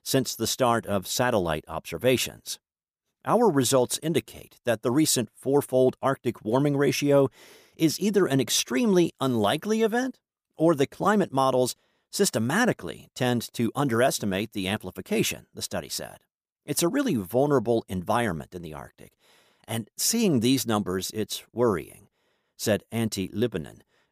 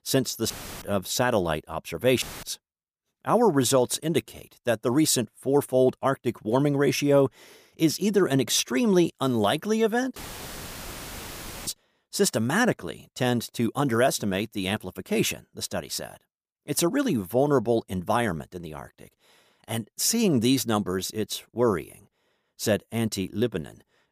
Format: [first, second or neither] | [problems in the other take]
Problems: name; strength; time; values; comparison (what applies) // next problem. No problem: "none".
first | audio cutting out; filled with static; at 0.5 s, at 2 s and at 10 s for 1.5 s